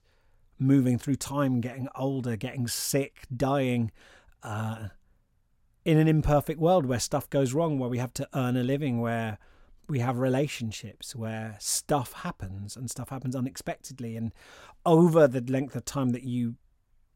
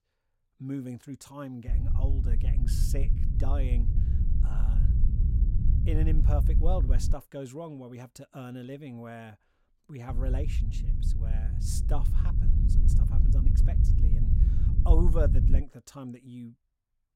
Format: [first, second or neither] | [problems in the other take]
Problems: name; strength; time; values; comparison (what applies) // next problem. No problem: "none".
first | low rumble; loud; from 1.5 to 7 s and from 10 to 16 s; 4 dB below the speech